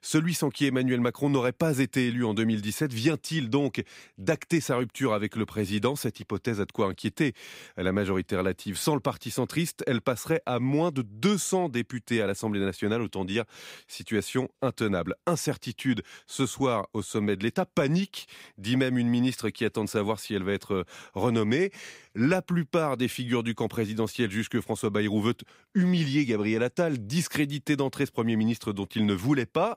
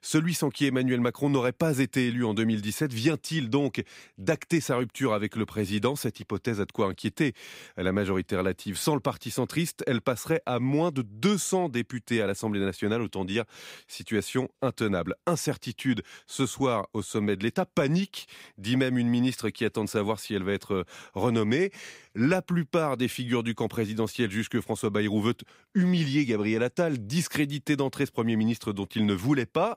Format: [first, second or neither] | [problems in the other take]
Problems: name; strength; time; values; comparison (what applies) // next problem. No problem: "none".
neither | none